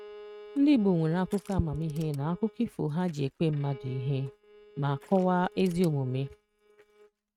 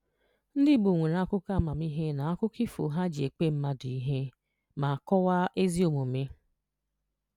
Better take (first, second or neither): second